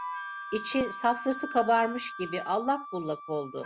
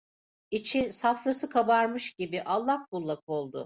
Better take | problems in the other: second | background sound (Wind instrument, woodwind instrument + Wind instrument, woodwind instrument); 10 dB below the speech

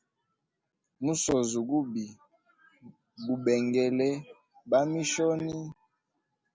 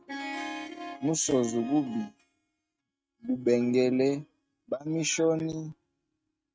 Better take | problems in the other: first | noise reduction (neural mask model RNNoise)

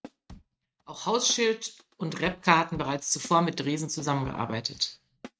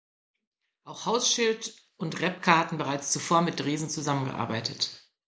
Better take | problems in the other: second | noise reduction (neural mask model RNNoise)

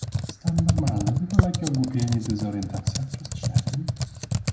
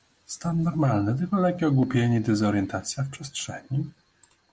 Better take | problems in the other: second | background sound (Computer keyboard); 2 dB above the speech // room echo; dies away in 0.8 s

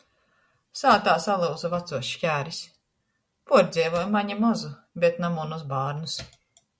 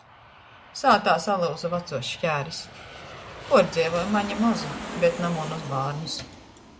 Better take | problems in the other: first | background sound (Aircraft); 13 dB below the speech

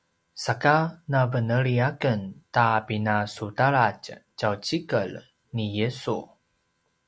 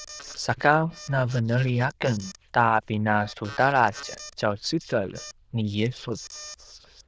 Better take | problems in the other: first | noise reduction (neural diffusion model UNIVERSE++)

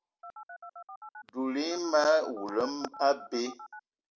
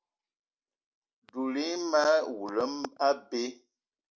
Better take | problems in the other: second | background sound (Telephone); 15 dB below the speech

